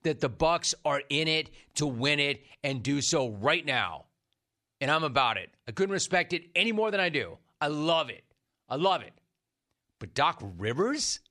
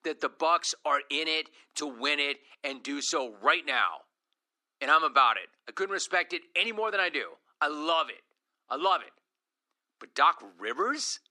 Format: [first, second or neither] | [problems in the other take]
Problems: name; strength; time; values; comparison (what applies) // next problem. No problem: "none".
first | thin; somewhat; fading below 250 Hz